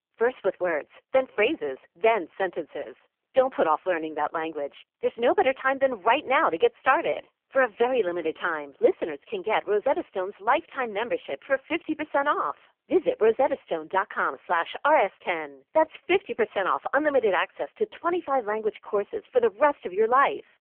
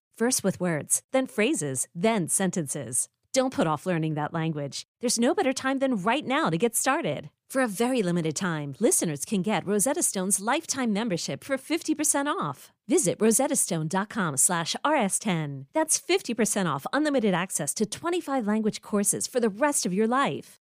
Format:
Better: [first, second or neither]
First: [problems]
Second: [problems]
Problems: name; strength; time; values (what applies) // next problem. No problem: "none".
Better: second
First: phone-call audio; poor line; nothing above 3 kHz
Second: none